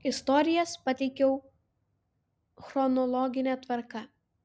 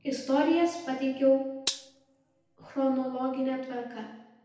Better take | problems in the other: first | background sound (Gunshot, gunfire); 9 dB below the speech // room echo; dies away in 0.9 s

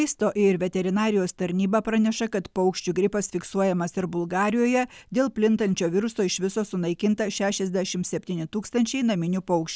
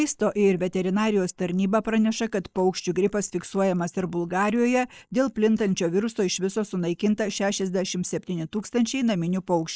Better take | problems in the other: first | noise reduction (neural mask model Resemble Enhance denoiser)

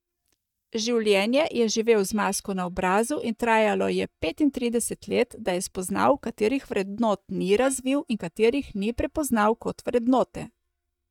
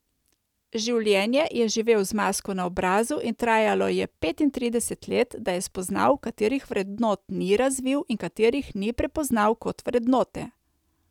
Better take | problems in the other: second | noise reduction (neural mask model DeepFilterNet 3)

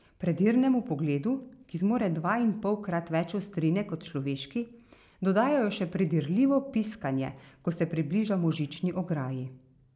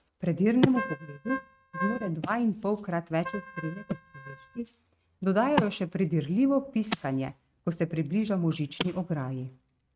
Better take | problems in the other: first | noise reduction (neural mask model RNNoise)

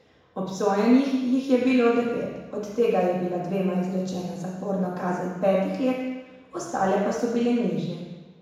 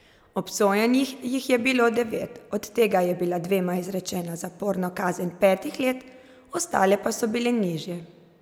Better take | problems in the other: second | room echo; dies away in 1.1 s

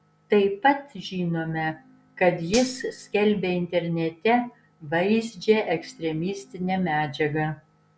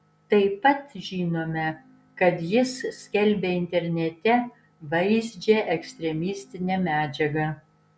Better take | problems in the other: second | background sound (Gunshot, gunfire); 13 dB below the speech

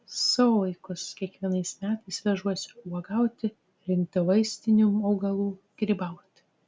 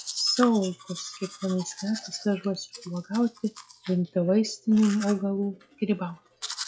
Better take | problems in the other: first | noise reduction (classical method log-MMSE)

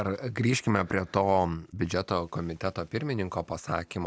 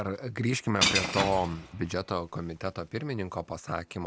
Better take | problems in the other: first | background sound (Shatter / Crushing); 1 dB below the speech

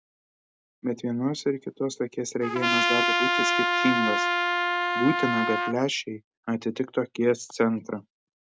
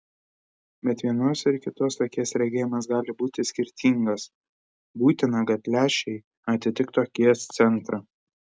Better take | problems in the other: second | background sound (Trumpet); 3 dB above the speech

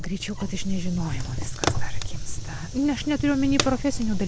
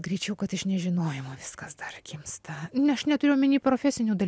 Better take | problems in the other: second | background sound (Fire); as loud as the speech

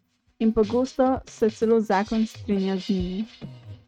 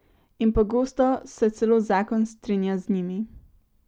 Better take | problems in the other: second | noise reduction (neural mask model RNNoise)

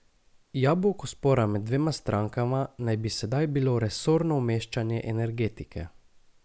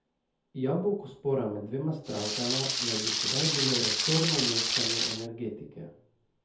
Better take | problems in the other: first | background sound (Rain); 3 dB above the speech // room echo; dies away in 0.5 s

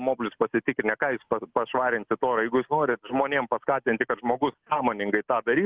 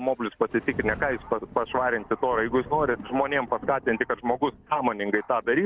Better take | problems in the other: first | background sound (Thunder); 17 dB below the speech

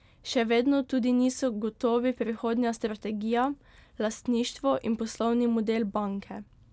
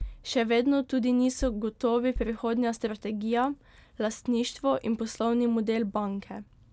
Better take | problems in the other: first | background sound (Bass drum); 11 dB below the speech

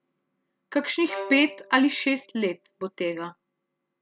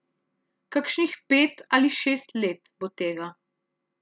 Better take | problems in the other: second | background sound (Bowed string instrument); 14 dB below the speech

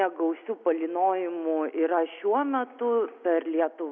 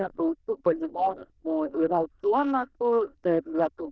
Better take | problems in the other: first | noise reduction (neural diffusion model UNIVERSE++)

